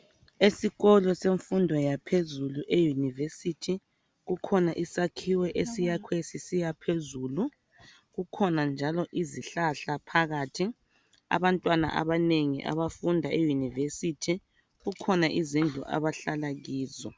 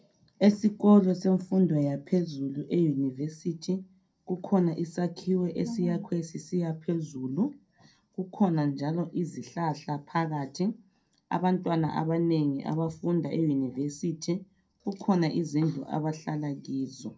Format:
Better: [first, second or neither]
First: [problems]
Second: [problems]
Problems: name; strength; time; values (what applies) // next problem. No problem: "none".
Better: first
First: none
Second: room echo; dies away in 0.2 s